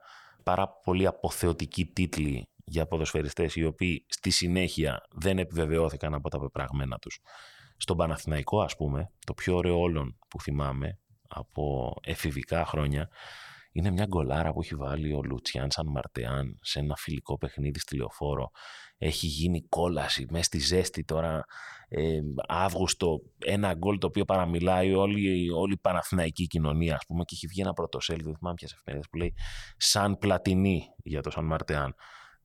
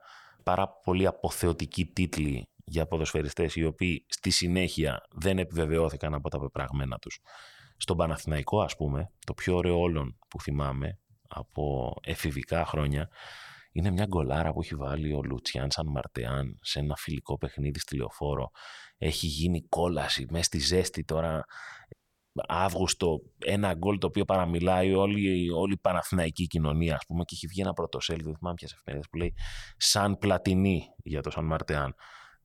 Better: first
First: none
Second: audio cutting out; at 22 s

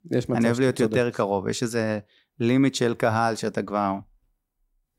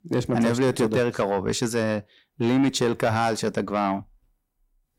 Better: first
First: none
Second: distortion; slight; 10 dB below the speech

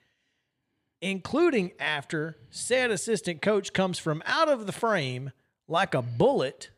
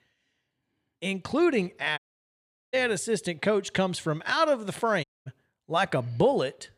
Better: first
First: none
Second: audio cutting out; at 2 s for 1 s and at 5 s

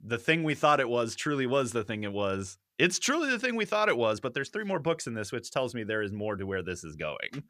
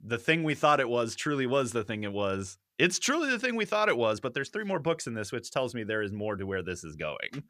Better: neither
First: none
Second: none

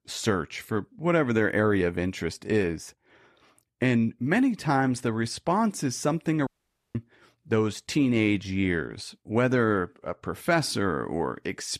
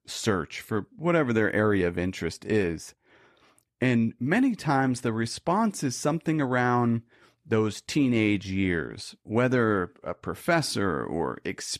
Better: second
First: audio cutting out; at 6.5 s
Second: none

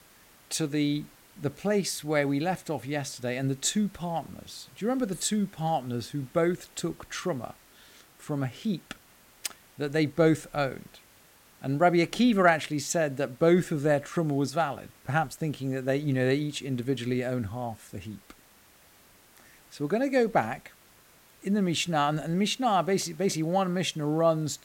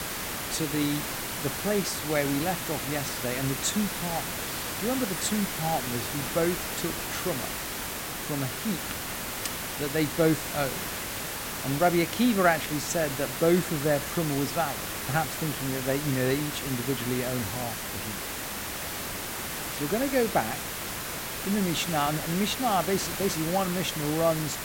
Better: first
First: hiss; faint; throughout; 25 dB below the speech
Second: hiss; loud; throughout; 3 dB below the speech

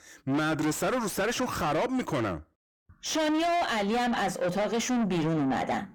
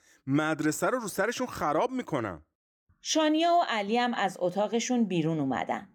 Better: second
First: distortion; heavy; 6 dB below the speech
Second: none

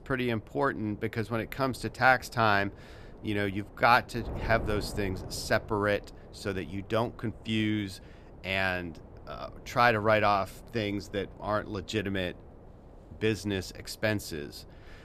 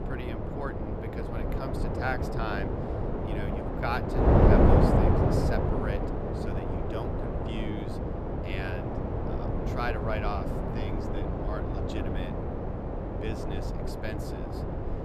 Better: first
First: wind noise on the microphone; occasional gusts; 25 dB below the speech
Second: wind noise on the microphone; heavy; 4 dB above the speech

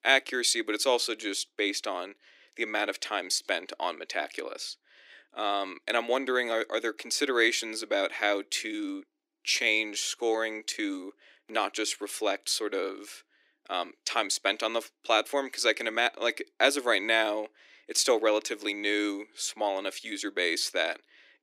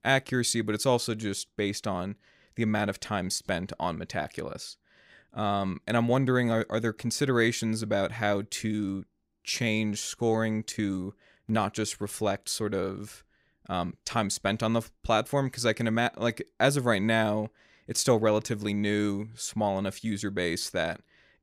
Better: second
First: thin; somewhat; fading below 300 Hz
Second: none

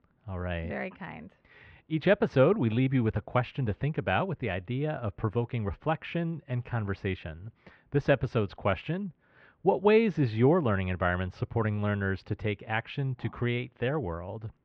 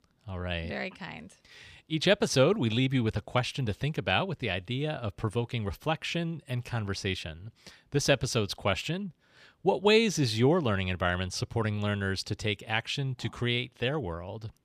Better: second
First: muffled; very; fading above 2 kHz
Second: none

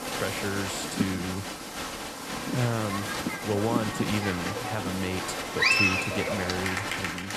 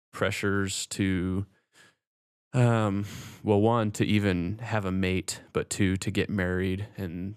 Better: second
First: crowd noise; very loud; throughout; 3 dB above the speech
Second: none

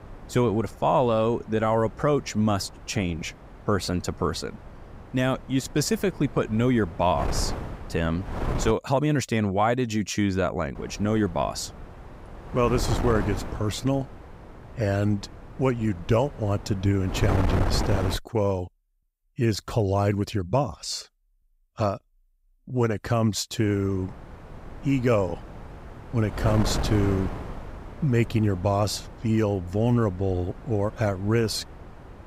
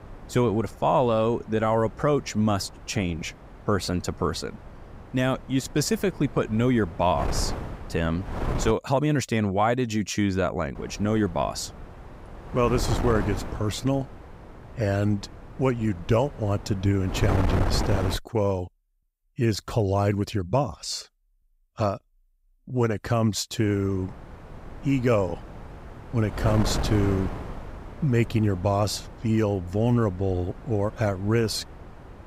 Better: neither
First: wind noise on the microphone; occasional gusts; until 8.5 s, from 11 to 18 s and from 24 s on; 10 dB below the speech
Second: wind noise on the microphone; occasional gusts; until 8.5 s, from 11 to 18 s and from 24 s on; 10 dB below the speech

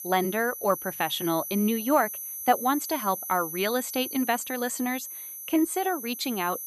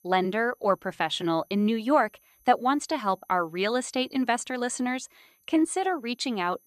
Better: second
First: high-pitched whine; loud; throughout; 12 kHz, 7 dB below the speech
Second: high-pitched whine; faint; throughout; 12 kHz, 35 dB below the speech

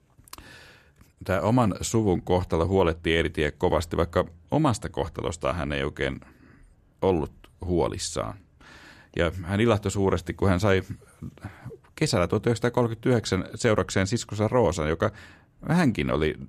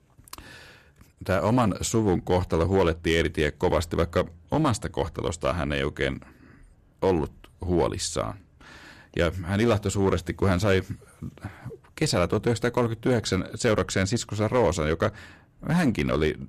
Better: first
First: none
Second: distortion; slight; 5% of the sound clipped

